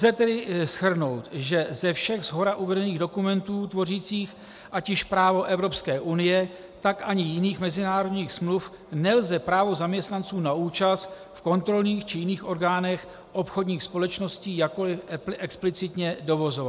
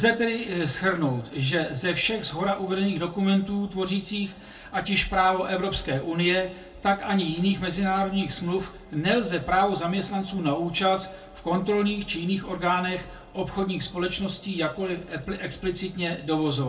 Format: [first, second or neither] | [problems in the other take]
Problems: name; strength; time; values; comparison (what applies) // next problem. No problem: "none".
first | room echo; dies away in 0.2 s